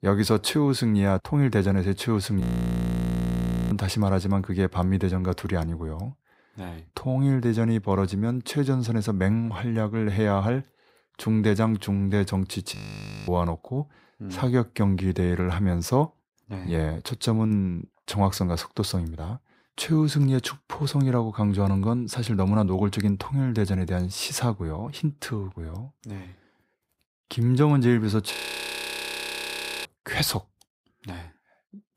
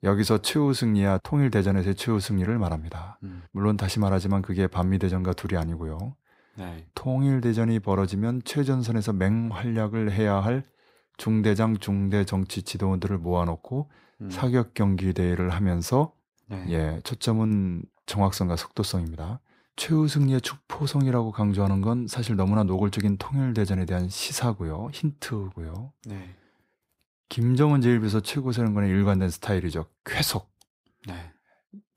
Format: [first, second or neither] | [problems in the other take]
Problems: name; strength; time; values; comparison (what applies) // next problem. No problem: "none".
second | audio freezing; at 2.5 s for 1.5 s, at 13 s for 0.5 s and at 28 s for 1.5 s